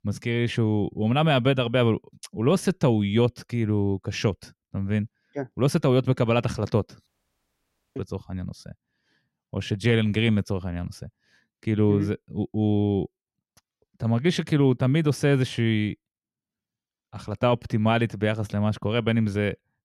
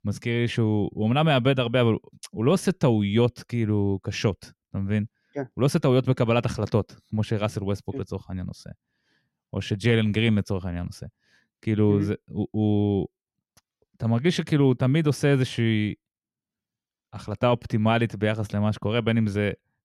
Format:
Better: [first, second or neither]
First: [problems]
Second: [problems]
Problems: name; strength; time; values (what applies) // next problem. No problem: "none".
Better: second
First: audio cutting out; at 7 s for 1 s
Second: none